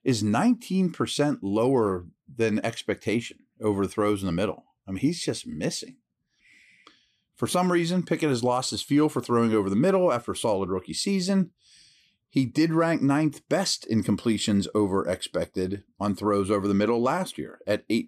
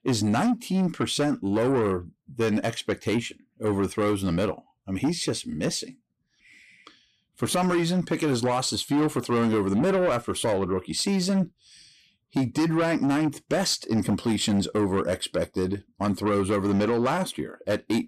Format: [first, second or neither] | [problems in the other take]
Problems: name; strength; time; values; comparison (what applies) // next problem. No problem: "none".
first | distortion; slight; 10 dB below the speech